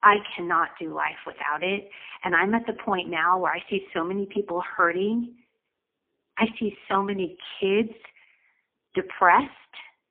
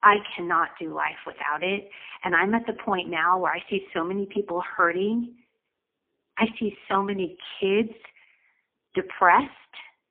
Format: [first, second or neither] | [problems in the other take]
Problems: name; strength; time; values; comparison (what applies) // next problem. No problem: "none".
neither | phone-call audio; poor line; nothing above 3.5 kHz; the same in both